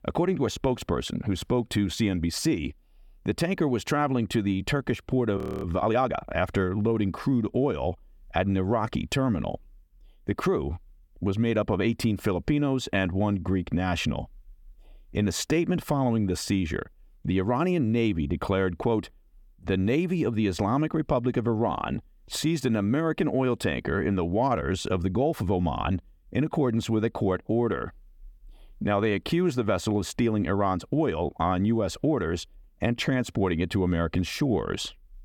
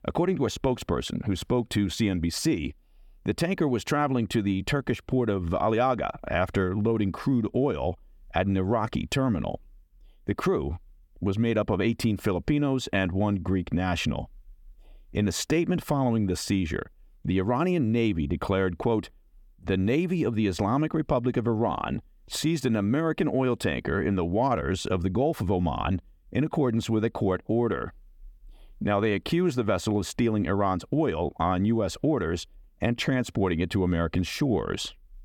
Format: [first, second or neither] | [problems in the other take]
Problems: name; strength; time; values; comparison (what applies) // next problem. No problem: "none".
second | audio freezing; at 5.5 s